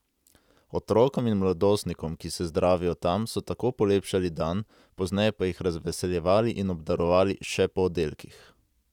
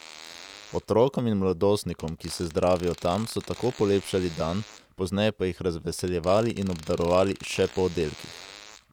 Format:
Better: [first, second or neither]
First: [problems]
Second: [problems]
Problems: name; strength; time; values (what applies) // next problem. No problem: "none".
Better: first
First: none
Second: background sound (Fart); 20 dB below the speech